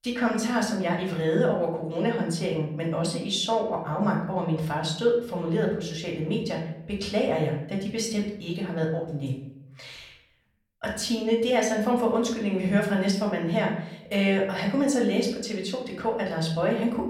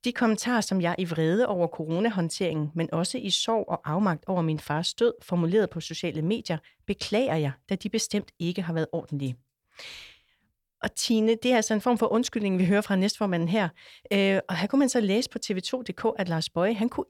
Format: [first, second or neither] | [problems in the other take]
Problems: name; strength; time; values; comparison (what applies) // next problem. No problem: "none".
second | room echo; slight; dies away in 0.6 s // off-mic speech; far